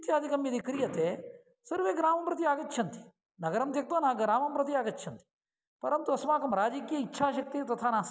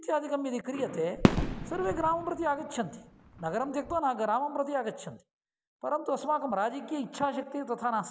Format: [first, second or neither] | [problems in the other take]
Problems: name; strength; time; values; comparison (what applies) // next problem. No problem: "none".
first | background sound (Fireworks); as loud as the speech